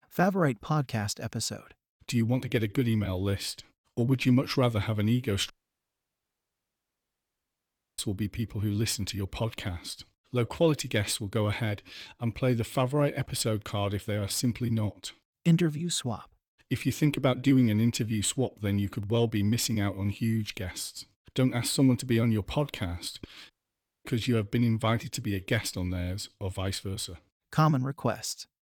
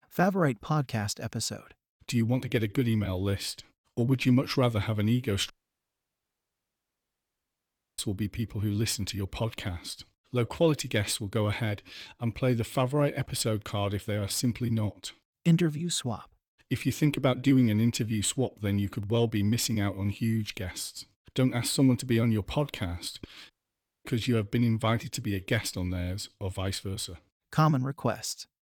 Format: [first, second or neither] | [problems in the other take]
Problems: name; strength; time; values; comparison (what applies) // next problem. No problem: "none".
neither | audio cutting out; at 5.5 s for 2.5 s and at 24 s for 0.5 s; the same in both